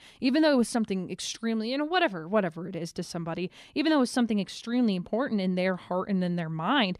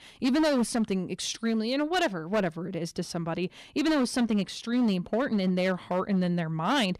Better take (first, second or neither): first